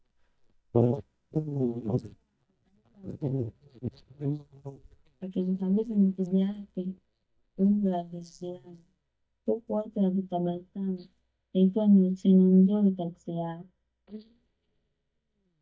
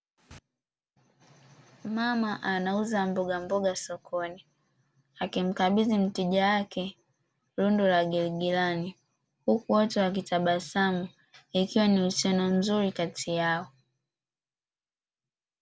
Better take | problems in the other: second | noise reduction (neural mask model DeepFilterNet 3)

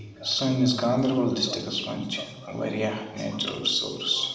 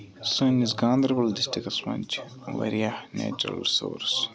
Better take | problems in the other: second | room echo; dies away in 1.1 s

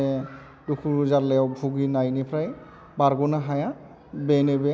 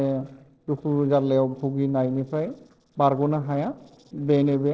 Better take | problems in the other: first | noise reduction (neural separator model SepFormer DNS4)

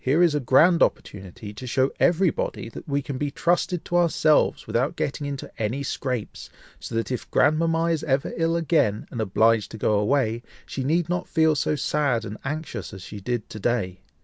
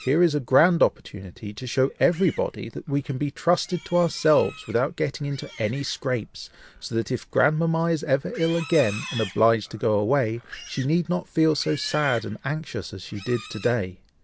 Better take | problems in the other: first | background sound (Livestock, farm animals, working animals); 20 dB below the speech

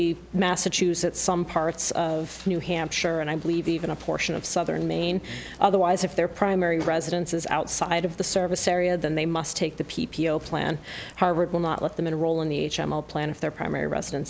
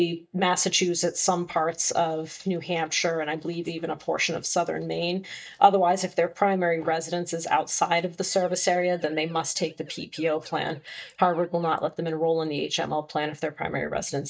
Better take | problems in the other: first | noise reduction (neural mask model DeepFilterNet 3)

